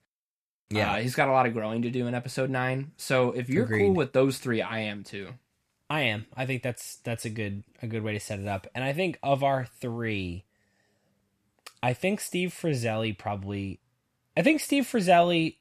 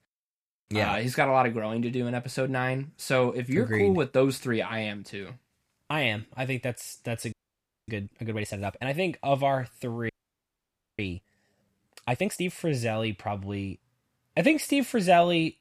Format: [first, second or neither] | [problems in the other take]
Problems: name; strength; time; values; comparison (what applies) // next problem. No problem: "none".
first | audio freezing; at 7.5 s for 0.5 s and at 10 s for 1 s